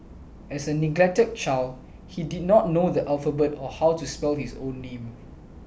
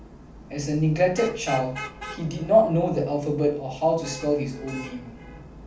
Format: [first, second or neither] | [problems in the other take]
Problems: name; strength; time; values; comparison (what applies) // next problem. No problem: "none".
first | background sound (Traffic noise, roadway noise / Vehicle horn, car horn, honking); 16 dB below the speech // room echo; dies away in 0.4 s